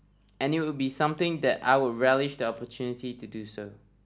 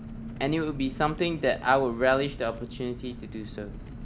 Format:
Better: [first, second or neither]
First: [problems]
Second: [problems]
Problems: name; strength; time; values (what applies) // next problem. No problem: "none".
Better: first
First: none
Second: background sound (Engine); 12 dB below the speech